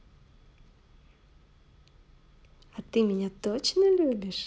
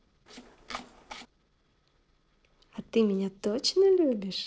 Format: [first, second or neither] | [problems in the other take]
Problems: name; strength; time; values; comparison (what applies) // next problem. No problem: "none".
first | noise reduction (neural separator model SepFormer DNS4)